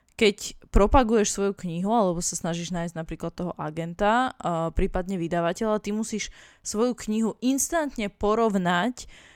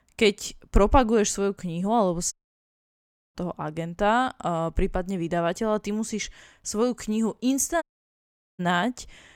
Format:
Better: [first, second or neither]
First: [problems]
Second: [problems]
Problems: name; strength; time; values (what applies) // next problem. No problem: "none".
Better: first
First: none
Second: audio cutting out; at 2.5 s for 1 s and at 8 s for 1 s